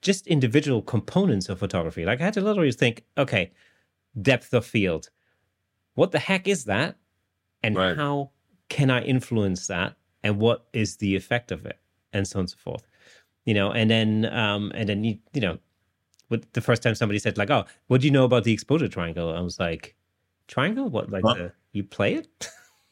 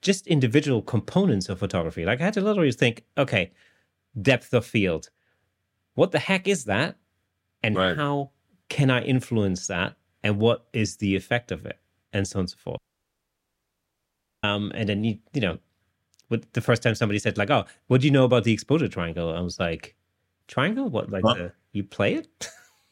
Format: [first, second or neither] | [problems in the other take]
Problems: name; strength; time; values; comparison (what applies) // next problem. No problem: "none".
first | audio cutting out; at 13 s for 1.5 s